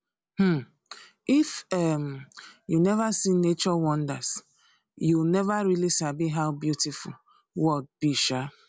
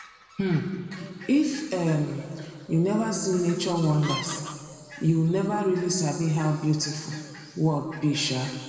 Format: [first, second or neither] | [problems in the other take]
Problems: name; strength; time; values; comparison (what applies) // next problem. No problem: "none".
first | background sound (Fowl); 18 dB below the speech // room echo; dies away in 2.2 s